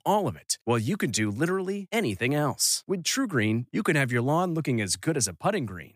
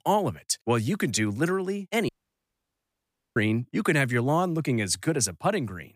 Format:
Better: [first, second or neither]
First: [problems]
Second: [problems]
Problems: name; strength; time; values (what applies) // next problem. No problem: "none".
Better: first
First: none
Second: audio cutting out; at 2 s for 1.5 s